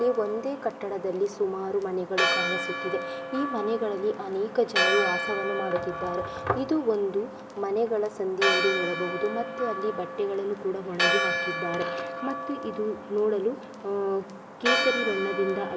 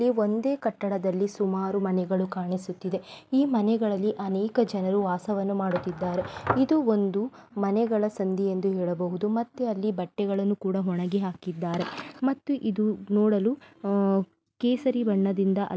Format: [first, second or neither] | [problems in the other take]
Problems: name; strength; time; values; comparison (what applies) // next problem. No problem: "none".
second | background sound (Church bell); 2 dB below the speech // room echo; dies away in 2.2 s